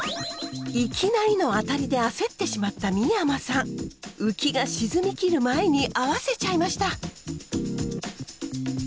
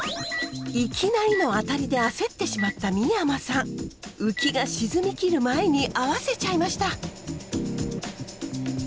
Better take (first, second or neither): first